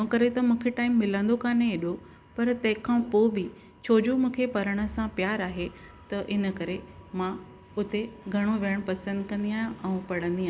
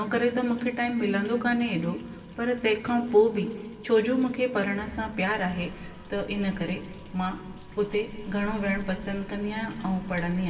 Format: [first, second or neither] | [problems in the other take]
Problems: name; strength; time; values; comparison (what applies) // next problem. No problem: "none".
first | background sound (Thunder); 18 dB below the speech // room echo; dies away in 1.9 s